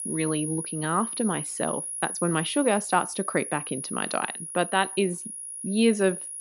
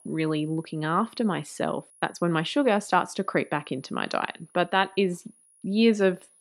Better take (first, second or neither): second